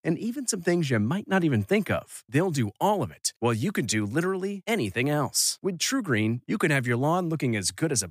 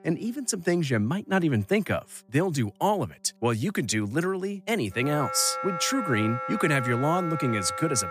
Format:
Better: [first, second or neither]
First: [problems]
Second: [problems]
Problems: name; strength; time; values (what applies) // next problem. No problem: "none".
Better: first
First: none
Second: background music; loud; throughout; 6 dB below the speech